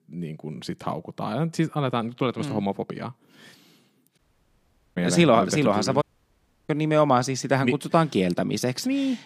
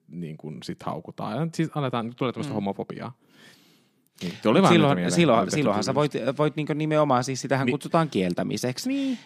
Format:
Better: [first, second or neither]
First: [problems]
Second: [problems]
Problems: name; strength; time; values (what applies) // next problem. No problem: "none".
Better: second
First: audio cutting out; at 4 s for 1 s and at 6 s for 0.5 s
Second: none